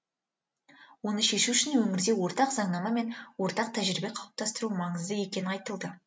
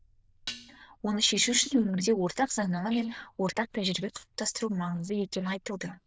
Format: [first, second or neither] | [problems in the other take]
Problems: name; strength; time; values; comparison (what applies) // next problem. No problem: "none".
first | noise reduction (neural diffusion model UNIVERSE++)